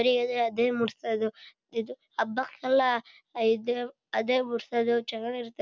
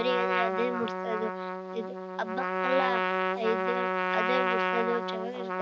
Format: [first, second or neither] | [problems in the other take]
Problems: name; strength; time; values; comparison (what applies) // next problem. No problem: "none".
first | background sound (Trumpet); 3 dB above the speech